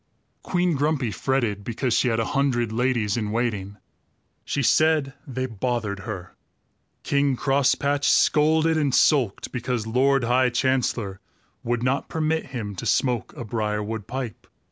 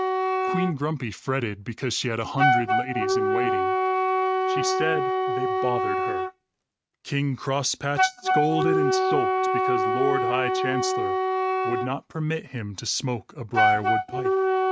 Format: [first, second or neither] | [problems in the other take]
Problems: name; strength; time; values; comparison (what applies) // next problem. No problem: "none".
first | noise reduction (neural mask model RNNoise)